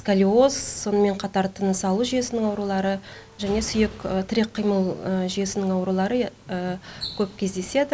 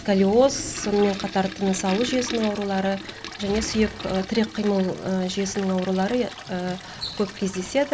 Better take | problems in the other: first | background sound (Toilet flush); 14 dB below the speech

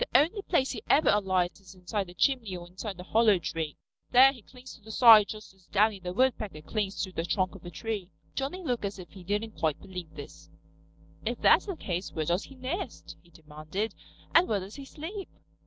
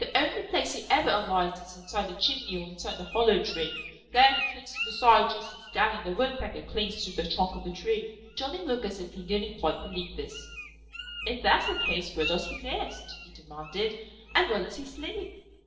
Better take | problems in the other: first | background sound (Bird); 12 dB below the speech // room echo; dies away in 1.1 s

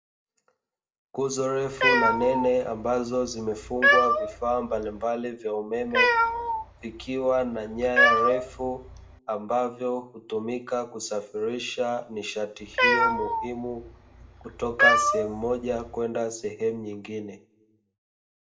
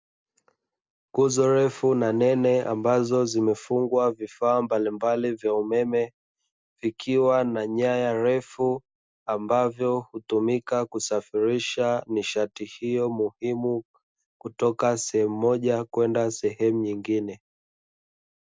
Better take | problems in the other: second | background sound (Cat); 3 dB above the speech // room echo; dies away in 0.3 s

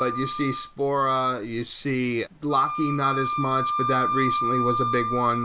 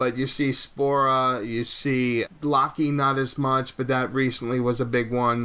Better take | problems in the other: second | background sound (Wind instrument, woodwind instrument); 3 dB below the speech

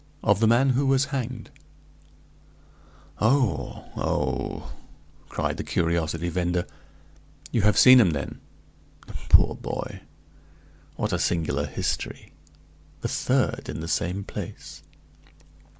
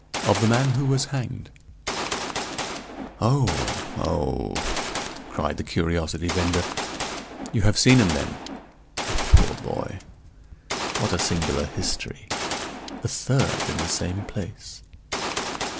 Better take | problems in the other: first | background sound (Gunshot, gunfire); 6 dB below the speech

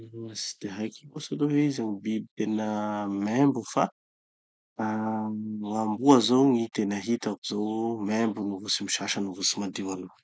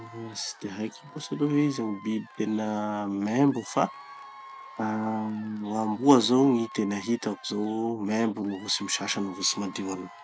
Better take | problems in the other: first | background sound (Applause / Crowd / Cheering); 20 dB below the speech

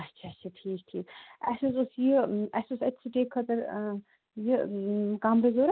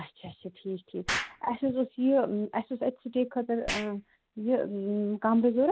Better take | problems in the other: first | background sound (Explosion); 13 dB below the speech

